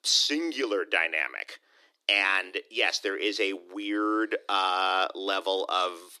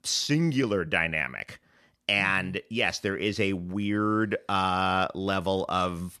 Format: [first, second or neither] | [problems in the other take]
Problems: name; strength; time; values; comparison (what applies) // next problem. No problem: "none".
second | thin; somewhat; fading below 300 Hz